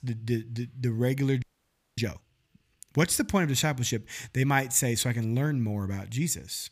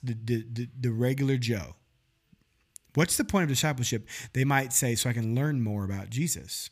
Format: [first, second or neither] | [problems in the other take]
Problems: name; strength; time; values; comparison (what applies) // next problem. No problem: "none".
second | audio freezing; at 1.5 s for 0.5 s